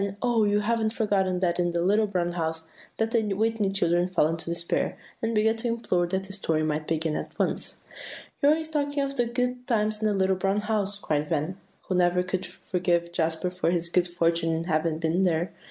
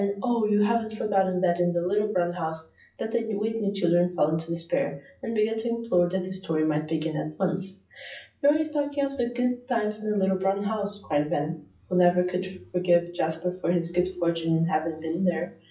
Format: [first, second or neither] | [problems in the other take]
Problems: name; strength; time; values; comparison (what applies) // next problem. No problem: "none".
first | noise reduction (classical method WPE with log-MMSE)